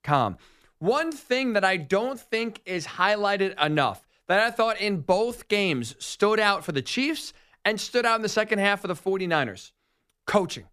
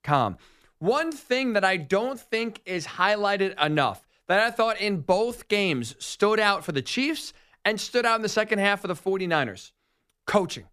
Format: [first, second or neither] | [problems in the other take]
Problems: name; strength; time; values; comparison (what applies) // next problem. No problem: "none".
neither | none